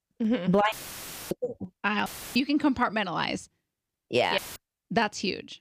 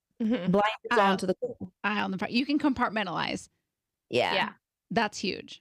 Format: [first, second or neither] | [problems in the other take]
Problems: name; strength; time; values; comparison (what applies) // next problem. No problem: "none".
second | audio cutting out; filled with static; at 0.5 s for 0.5 s, at 2 s and at 4.5 s